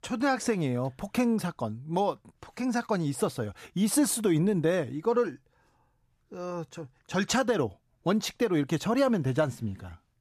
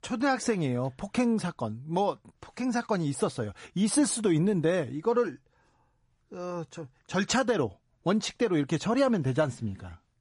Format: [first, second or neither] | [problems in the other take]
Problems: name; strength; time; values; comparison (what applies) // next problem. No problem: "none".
first | garbled, watery; slightly; nothing above 10.5 kHz